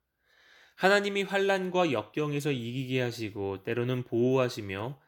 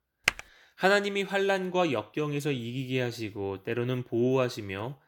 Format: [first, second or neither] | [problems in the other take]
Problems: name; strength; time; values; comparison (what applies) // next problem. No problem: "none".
first | keyboard typing; very faint; at 0.5 s; peak level with the speech